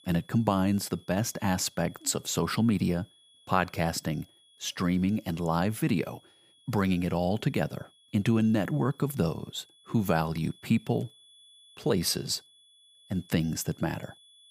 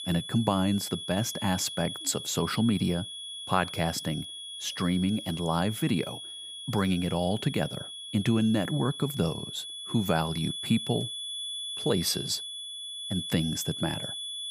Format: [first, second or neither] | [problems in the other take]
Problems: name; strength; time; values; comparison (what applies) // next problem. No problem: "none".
first | high-pitched whine; loud; throughout; 3.5 kHz, 7 dB below the speech; faint in the first